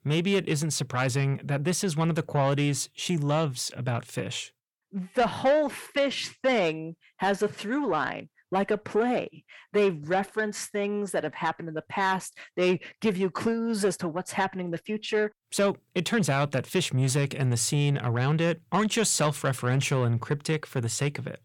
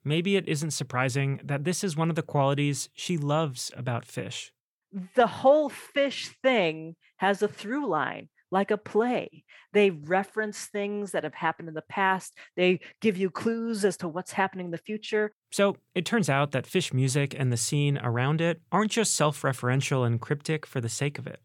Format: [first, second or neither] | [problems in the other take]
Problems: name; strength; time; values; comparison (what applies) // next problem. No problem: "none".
second | distortion; slight; 10 dB below the speech